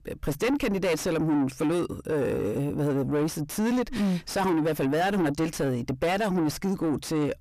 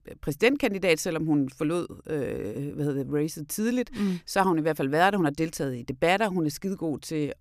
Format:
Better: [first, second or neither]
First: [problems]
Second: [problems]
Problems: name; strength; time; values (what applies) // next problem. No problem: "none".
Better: second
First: distortion; heavy; 5 dB below the speech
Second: none